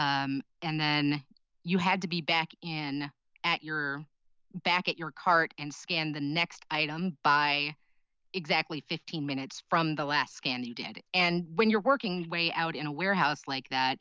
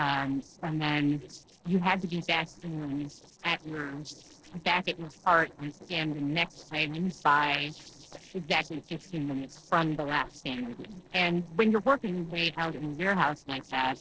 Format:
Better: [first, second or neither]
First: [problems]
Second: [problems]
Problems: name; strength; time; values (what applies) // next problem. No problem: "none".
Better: first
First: none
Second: noise reduction (neural separator model SepFormer DNS4)